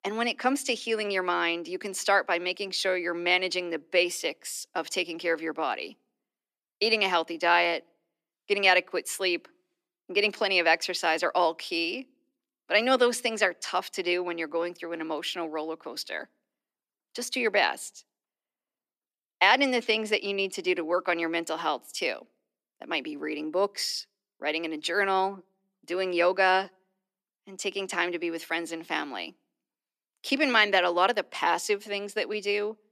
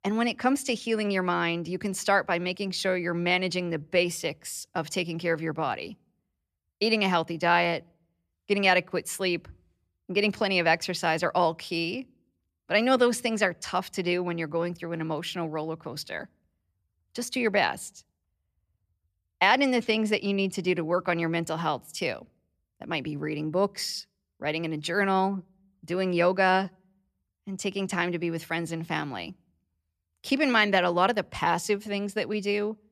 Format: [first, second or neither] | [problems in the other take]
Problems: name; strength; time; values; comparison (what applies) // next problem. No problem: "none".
second | thin; somewhat; fading below 250 Hz